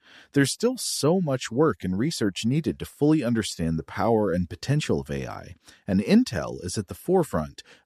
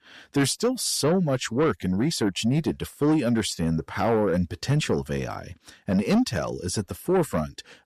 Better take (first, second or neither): first